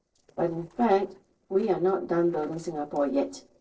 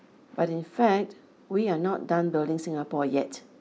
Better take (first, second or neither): second